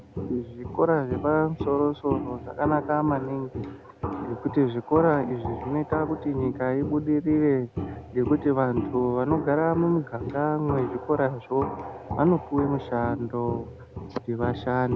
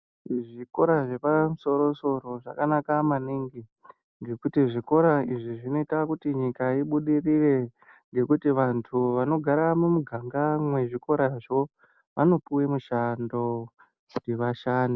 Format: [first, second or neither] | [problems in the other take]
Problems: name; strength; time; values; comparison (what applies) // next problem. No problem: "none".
second | background sound (Walk, footsteps); 9 dB below the speech